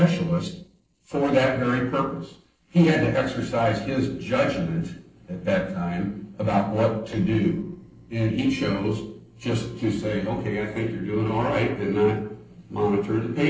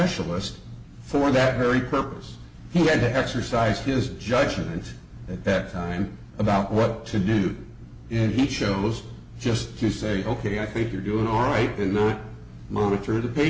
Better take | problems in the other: second | noise reduction (neural separator model SepFormer DNS4)

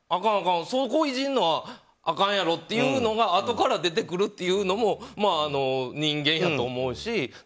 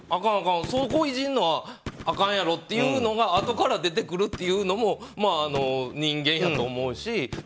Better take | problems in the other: first | background sound (Gunshot, gunfire); 16 dB below the speech

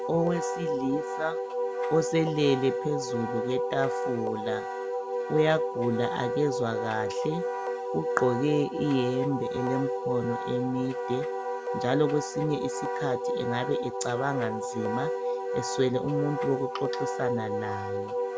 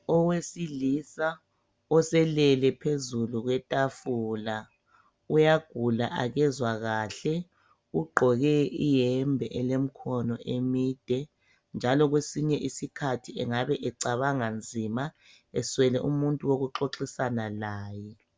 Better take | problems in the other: second | background sound (Wind instrument, woodwind instrument); 1 dB below the speech

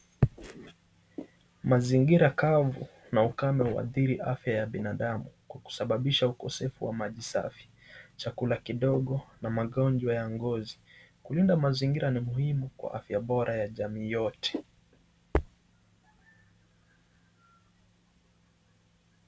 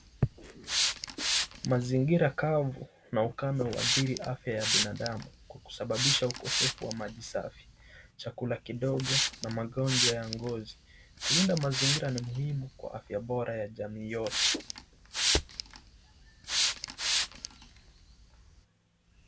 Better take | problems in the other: first | background sound (Hiss); 1 dB below the speech

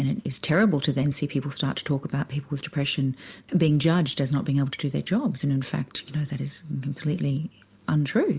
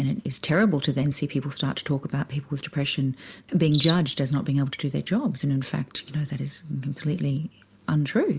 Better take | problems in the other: first | background sound (Cricket); 19 dB below the speech

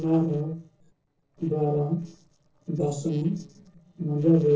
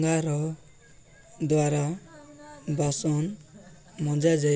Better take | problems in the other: second | noise reduction (neural separator model SepFormer DNS4)

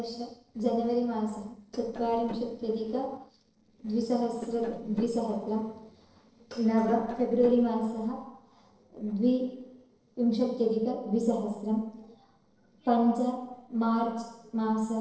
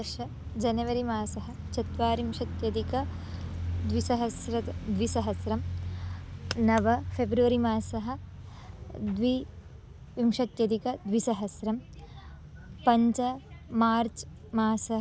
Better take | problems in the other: second | noise reduction (neural separator model SepFormer DNS4)

